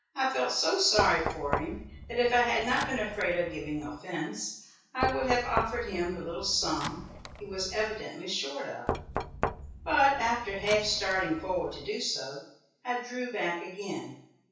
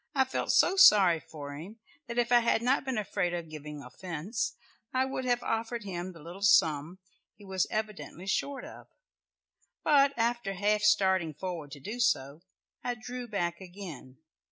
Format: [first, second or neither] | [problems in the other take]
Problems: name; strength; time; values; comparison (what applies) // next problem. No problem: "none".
second | background sound (Knock); 7 dB below the speech // room echo; dies away in 0.6 s